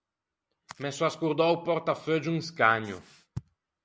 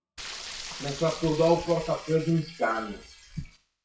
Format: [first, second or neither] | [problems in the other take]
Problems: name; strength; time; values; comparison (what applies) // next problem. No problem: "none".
first | noise reduction (classical method WPE with log-MMSE)